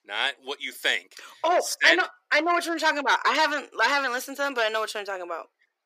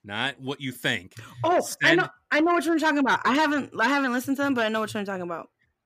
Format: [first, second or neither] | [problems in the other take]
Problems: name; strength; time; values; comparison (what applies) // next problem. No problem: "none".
second | thin; somewhat; fading below 400 Hz